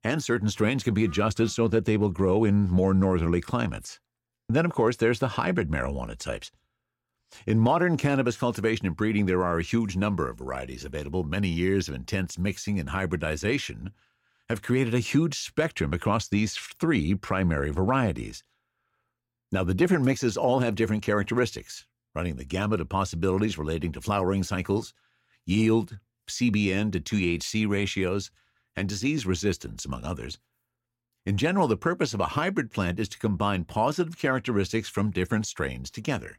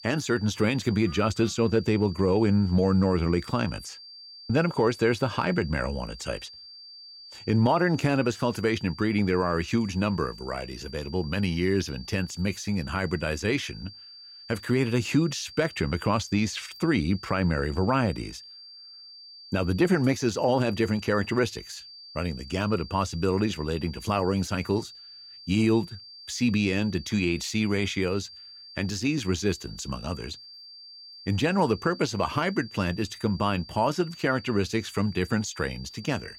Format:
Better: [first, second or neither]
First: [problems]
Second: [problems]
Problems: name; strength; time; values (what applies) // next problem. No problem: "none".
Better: first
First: none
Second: high-pitched whine; noticeable; throughout; 4.5 kHz, 15 dB below the speech